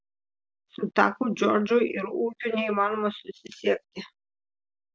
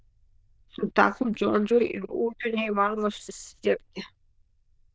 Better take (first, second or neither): first